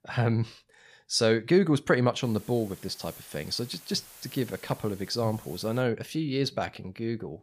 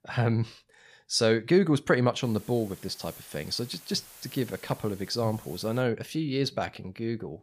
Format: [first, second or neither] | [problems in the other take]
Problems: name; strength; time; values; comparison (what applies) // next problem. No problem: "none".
neither | hiss; noticeable; from 2 to 6 s; 20 dB below the speech; the same in both